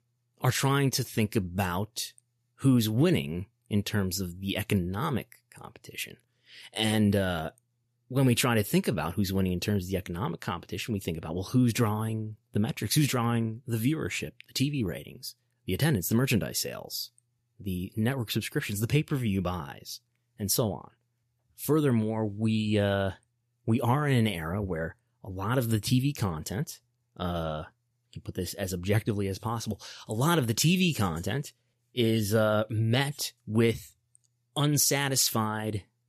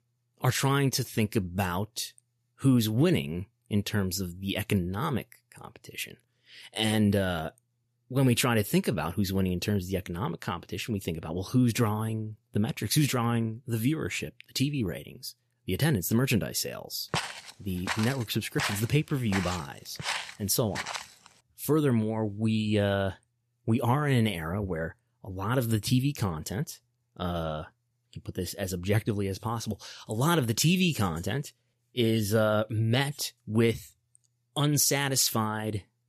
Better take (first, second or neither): first